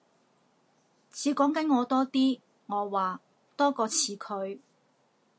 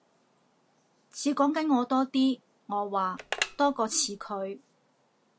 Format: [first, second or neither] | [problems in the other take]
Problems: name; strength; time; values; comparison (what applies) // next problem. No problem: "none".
first | background sound (Telephone); 8 dB below the speech